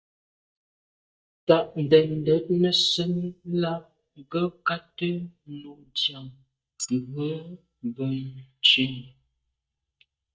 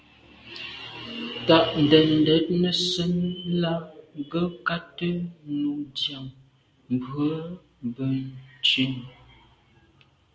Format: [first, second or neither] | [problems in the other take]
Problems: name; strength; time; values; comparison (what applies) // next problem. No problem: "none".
second | noise reduction (neural mask model DeepFilterNet 3)